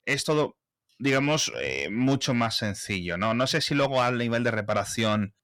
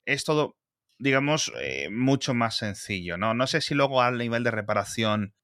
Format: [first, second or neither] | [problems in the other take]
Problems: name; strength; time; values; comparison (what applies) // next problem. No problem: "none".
second | distortion; slight; 10 dB below the speech